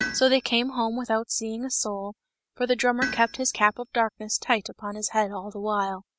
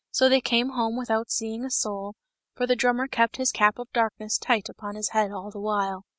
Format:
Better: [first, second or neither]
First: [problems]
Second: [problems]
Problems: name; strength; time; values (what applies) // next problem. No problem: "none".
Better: second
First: background sound (Tools); 14 dB below the speech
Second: none